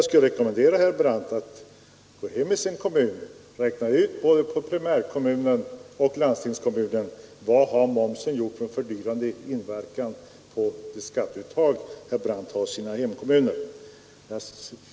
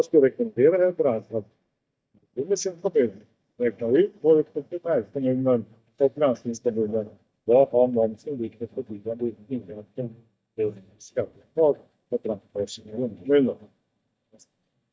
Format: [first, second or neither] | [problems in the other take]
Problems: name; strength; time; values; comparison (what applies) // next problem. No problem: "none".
first | noise reduction (neural mask model DeepFilterNet 3)